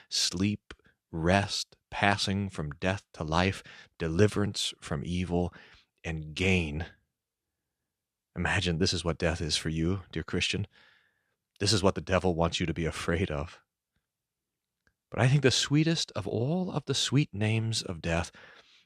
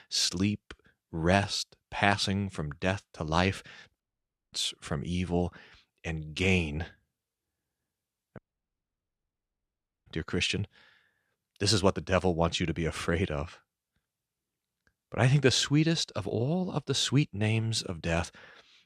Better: first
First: none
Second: audio cutting out; at 4 s for 0.5 s and at 8.5 s for 1.5 s

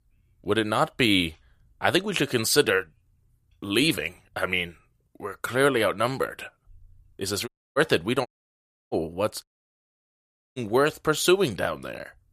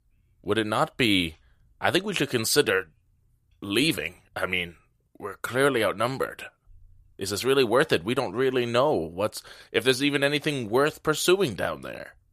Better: second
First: audio cutting out; at 7.5 s, at 8.5 s for 0.5 s and at 9.5 s for 1 s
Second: none

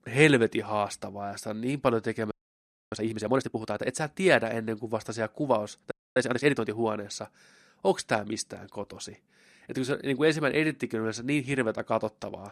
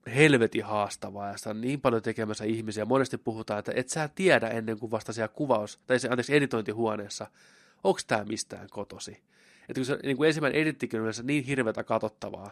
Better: second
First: audio freezing; at 2.5 s for 0.5 s and at 6 s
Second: none

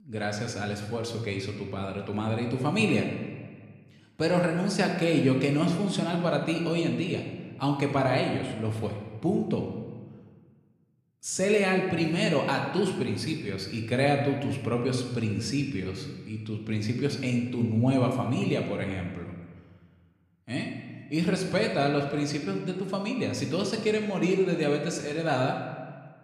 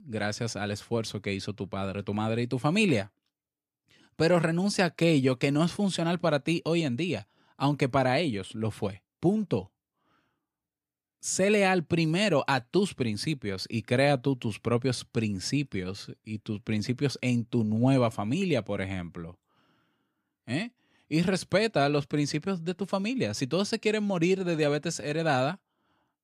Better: second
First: room echo; slight; dies away in 1.3 s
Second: none

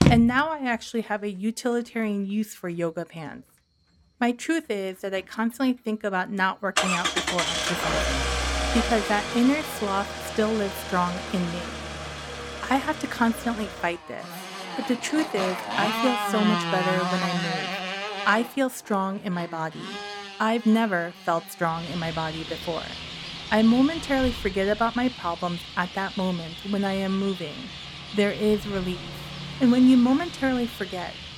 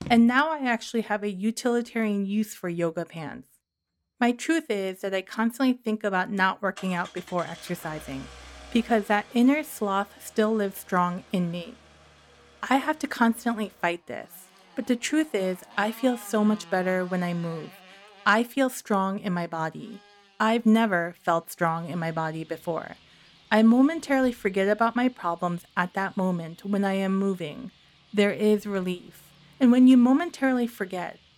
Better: second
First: traffic noise; loud; throughout; 5 dB below the speech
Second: traffic noise; faint; throughout; 25 dB below the speech

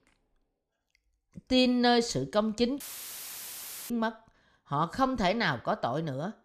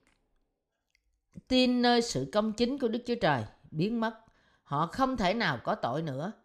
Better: second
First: audio cutting out; filled with static; at 3 s for 1 s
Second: none

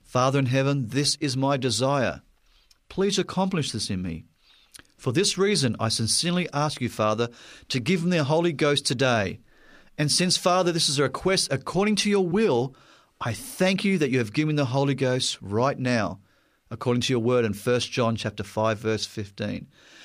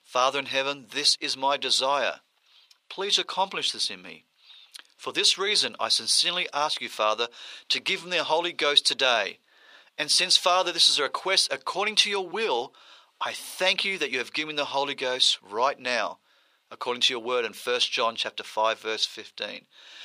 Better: first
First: none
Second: thin; very; fading below 600 Hz

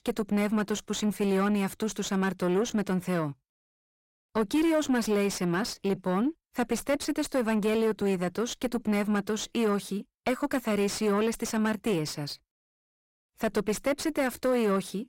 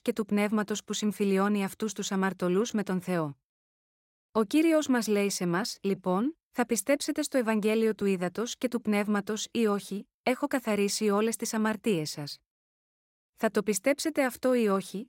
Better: second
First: distortion; slight; 10 dB below the speech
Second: none

